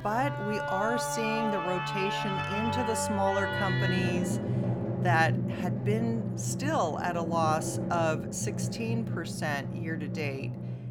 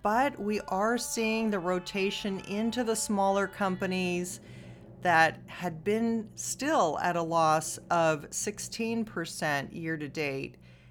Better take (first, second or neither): second